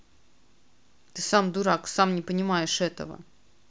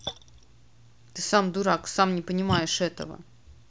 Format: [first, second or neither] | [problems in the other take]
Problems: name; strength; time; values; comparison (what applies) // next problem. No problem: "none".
first | background sound (Splash, splatter); 12 dB below the speech